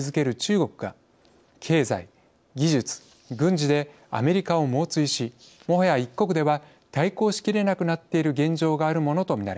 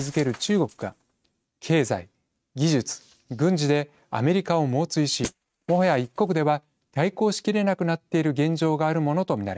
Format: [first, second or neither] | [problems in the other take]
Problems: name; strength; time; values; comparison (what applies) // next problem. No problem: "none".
first | noise reduction (neural mask model RNNoise)